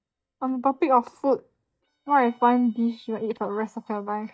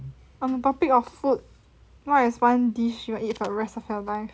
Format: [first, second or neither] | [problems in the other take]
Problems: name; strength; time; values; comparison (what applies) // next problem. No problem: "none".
second | noise reduction (neural mask model DeepFilterNet 3)